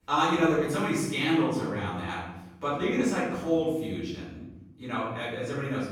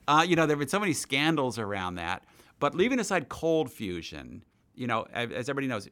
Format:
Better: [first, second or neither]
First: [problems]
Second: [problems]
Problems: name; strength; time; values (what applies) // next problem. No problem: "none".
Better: second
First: off-mic speech; far // room echo; noticeable; dies away in 1 s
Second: none